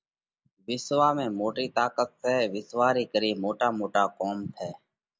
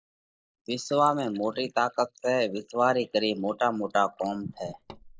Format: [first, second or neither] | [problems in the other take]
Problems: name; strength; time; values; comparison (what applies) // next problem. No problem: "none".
first | noise reduction (neural mask model Resemble Enhance denoiser)